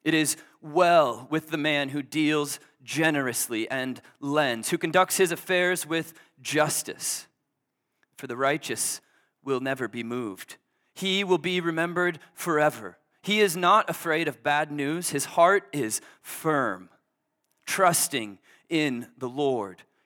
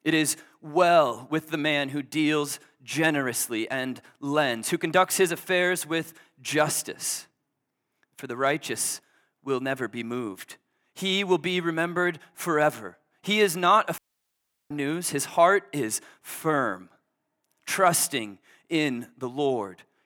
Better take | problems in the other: first | audio cutting out; at 14 s for 0.5 s

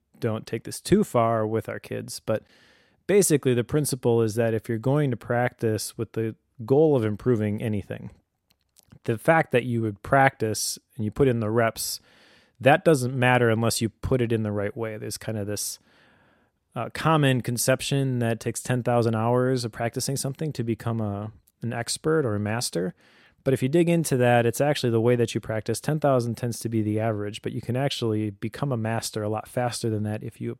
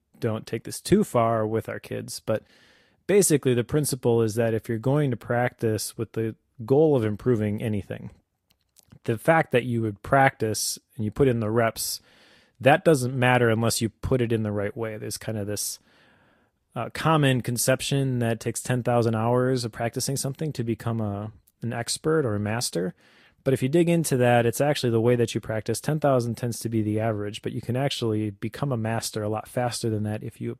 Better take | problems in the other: first | garbled, watery; slightly; nothing above 12.5 kHz

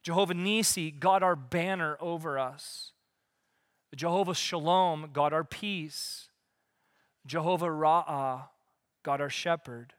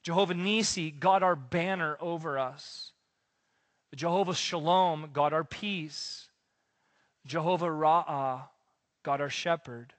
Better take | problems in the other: first | garbled, watery; slightly; nothing above 8 kHz

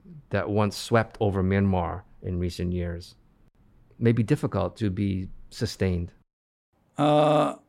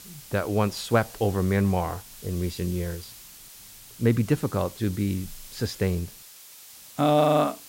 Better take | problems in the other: first | hiss; noticeable; throughout; 15 dB below the speech

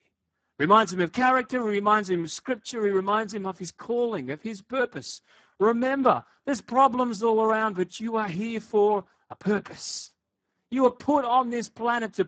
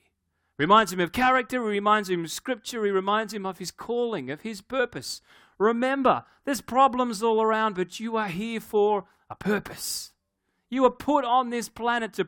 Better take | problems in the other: second | garbled, watery; badly; nothing above 7.5 kHz

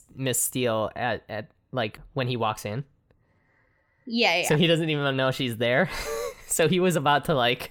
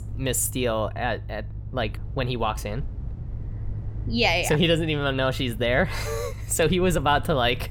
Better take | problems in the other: first | low rumble; faint; throughout; 25 dB below the speech

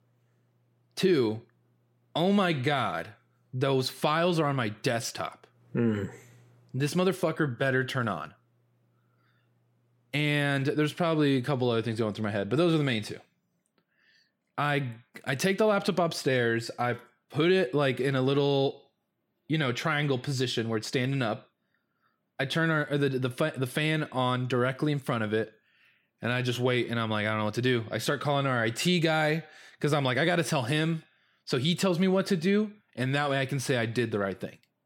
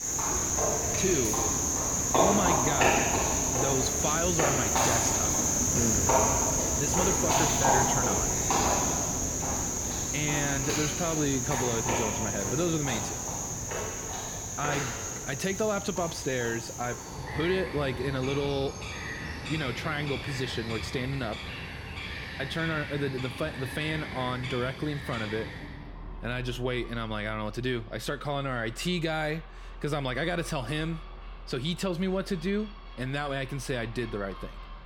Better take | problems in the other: first | animal sounds; very loud; throughout; 4 dB above the speech

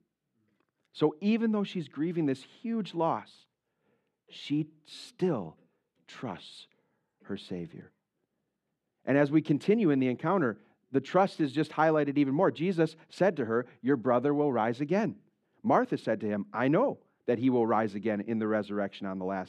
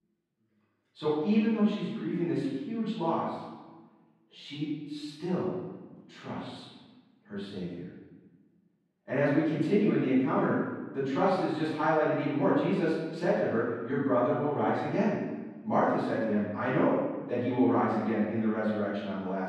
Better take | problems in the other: first | off-mic speech; far // room echo; strong; dies away in 1.1 s

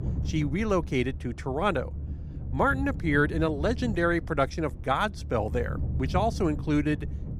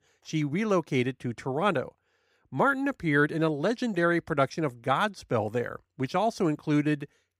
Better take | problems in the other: second | low rumble; noticeable; throughout; 20 dB below the speech

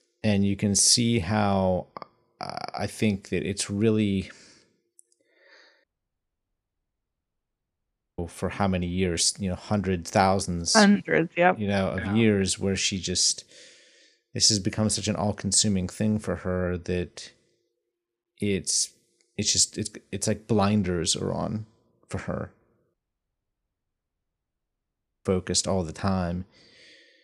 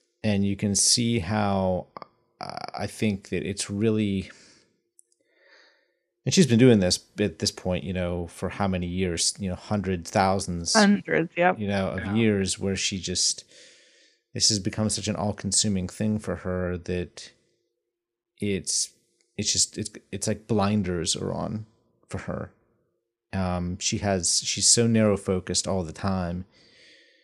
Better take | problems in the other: second | audio cutting out; at 6 s for 2.5 s and at 23 s for 2.5 s

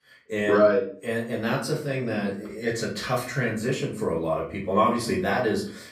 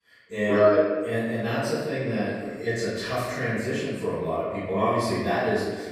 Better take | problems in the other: first | room echo; strong; dies away in 1.4 s; slight in the first // off-mic speech; far; far in the first

